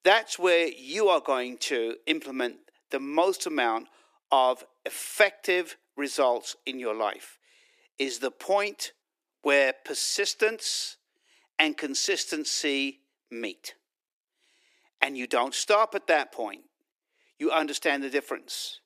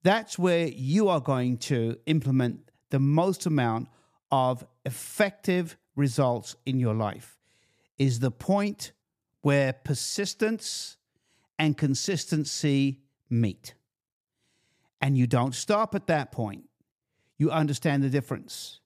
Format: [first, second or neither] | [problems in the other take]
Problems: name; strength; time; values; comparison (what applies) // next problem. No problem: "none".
second | thin; very; fading below 350 Hz